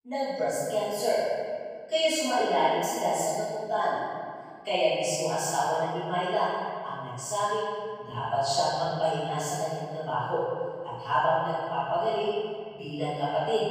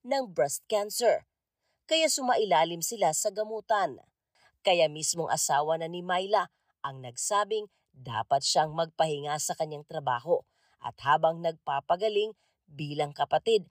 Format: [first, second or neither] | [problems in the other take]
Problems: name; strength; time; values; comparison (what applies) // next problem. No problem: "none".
second | off-mic speech; far // room echo; strong; dies away in 2 s